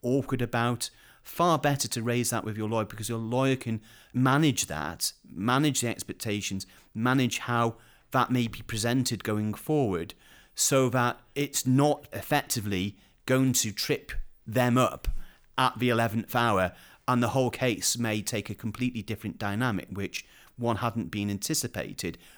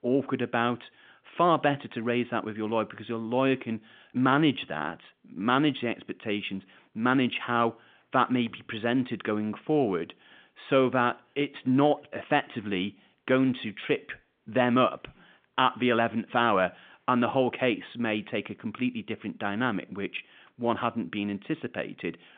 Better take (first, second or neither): first